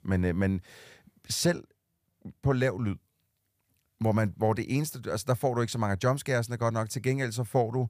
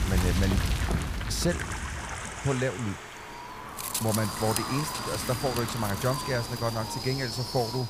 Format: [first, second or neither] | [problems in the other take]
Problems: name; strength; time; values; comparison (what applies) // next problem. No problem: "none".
first | wind noise on the microphone; heavy; 1 dB below the speech